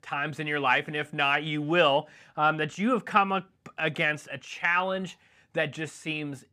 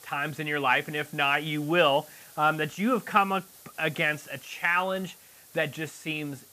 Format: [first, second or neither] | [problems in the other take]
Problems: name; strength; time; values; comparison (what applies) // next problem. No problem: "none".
first | hiss; faint; throughout; 20 dB below the speech